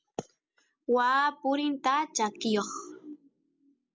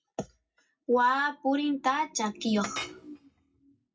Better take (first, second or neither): first